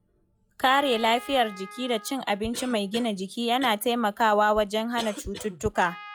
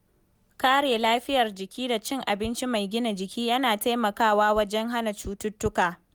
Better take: second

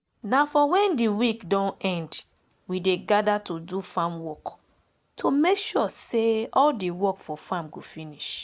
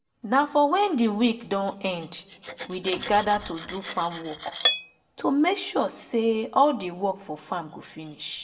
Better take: first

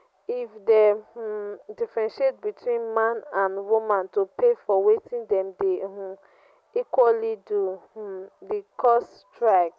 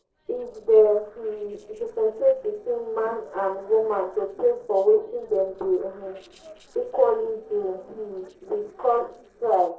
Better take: first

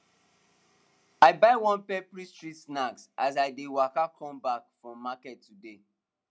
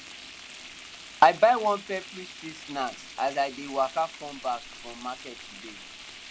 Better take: first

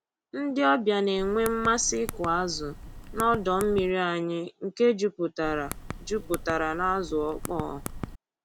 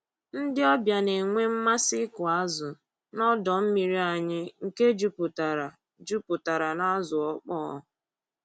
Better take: second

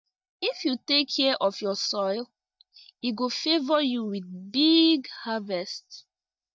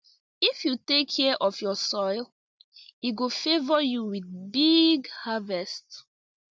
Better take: second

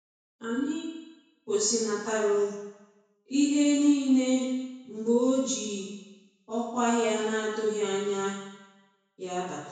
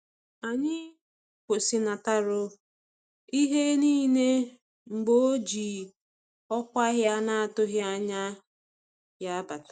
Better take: second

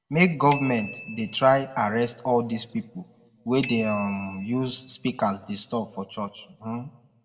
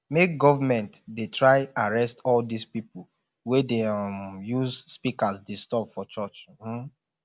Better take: second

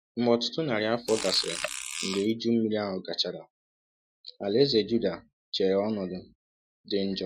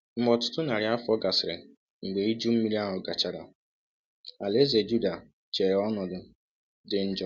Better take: second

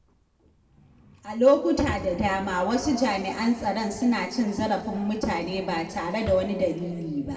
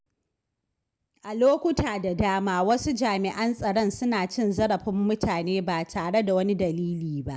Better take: second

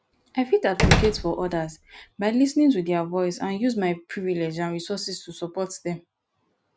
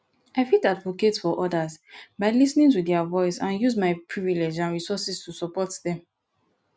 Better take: second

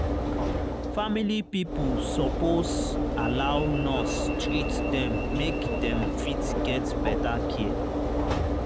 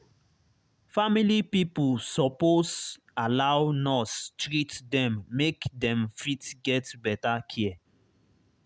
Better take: second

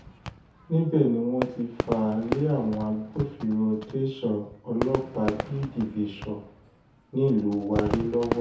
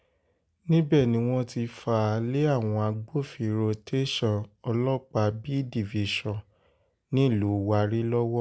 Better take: second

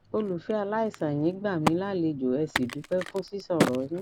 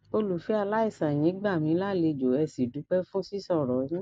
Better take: second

